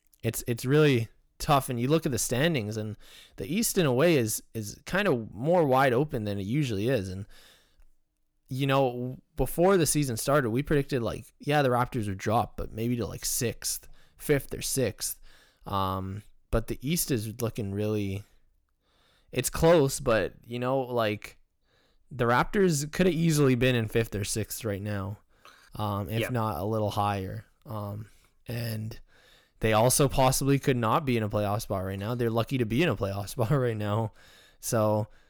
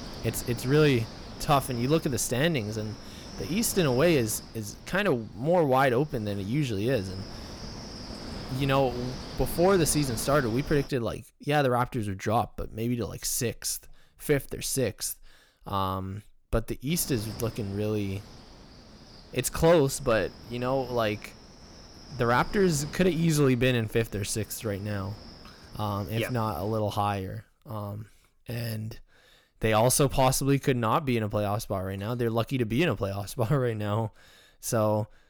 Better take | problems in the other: first | wind noise on the microphone; occasional gusts; until 11 s and from 17 to 27 s; 15 dB below the speech

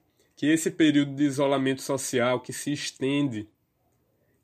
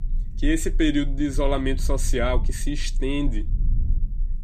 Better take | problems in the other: first | low rumble; faint; throughout; 20 dB below the speech

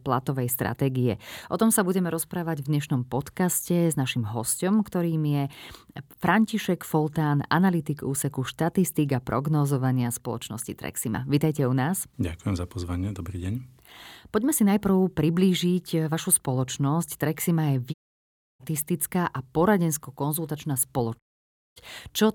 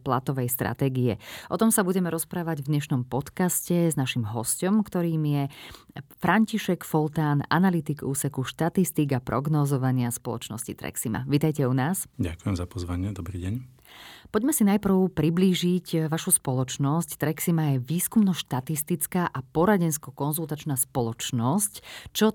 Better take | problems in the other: second | audio cutting out; at 18 s for 0.5 s and at 21 s for 0.5 s

